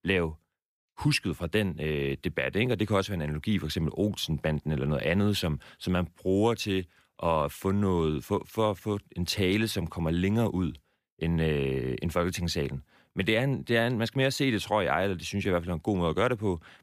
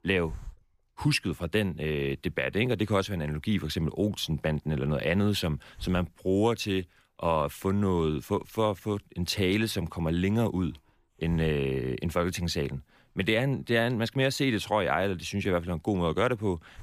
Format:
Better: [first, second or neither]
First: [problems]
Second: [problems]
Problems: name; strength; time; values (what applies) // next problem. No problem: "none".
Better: first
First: none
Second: hiss; noticeable; throughout; 20 dB below the speech